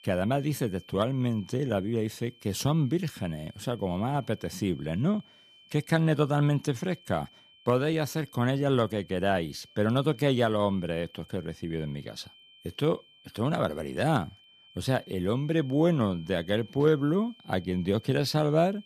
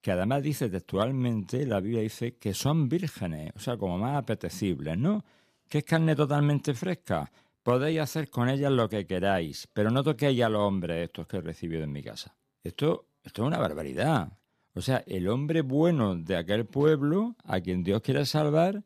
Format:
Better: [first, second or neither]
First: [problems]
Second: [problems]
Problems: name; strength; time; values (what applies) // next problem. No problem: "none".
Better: second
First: high-pitched whine; faint; throughout; 3 kHz, 25 dB below the speech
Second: none